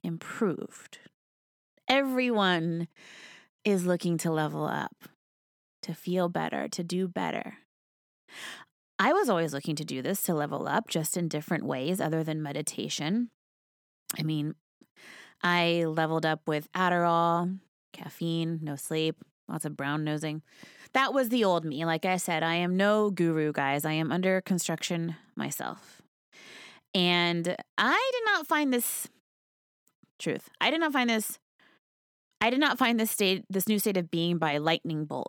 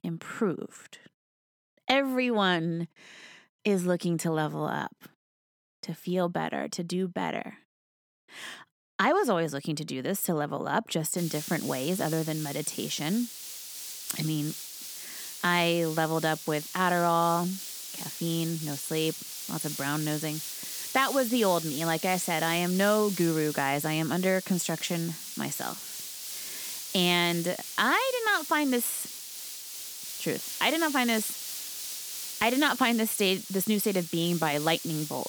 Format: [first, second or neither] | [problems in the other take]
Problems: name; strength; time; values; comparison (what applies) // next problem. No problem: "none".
first | hiss; loud; from 11 s on; 8 dB below the speech